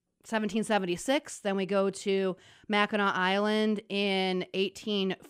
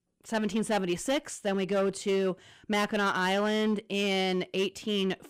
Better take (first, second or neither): first